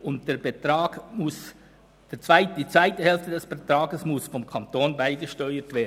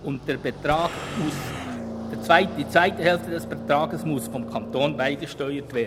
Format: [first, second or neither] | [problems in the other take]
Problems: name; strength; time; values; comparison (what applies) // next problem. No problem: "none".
first | background sound (Car passing by + Breathing); 9 dB below the speech